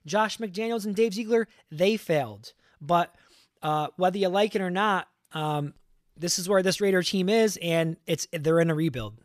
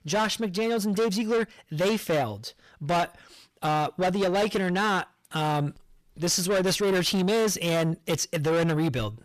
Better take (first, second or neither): first